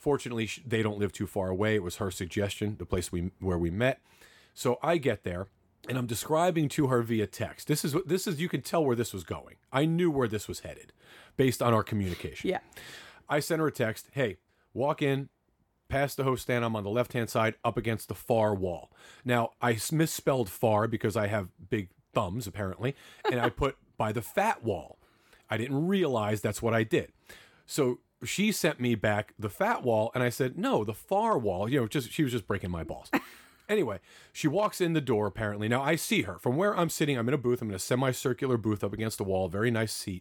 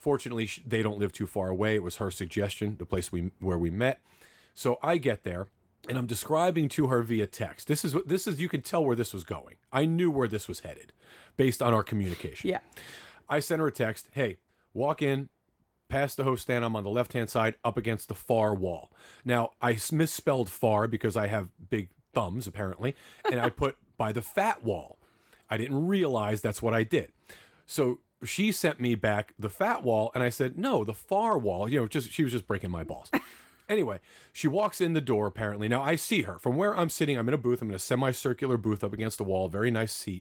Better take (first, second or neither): first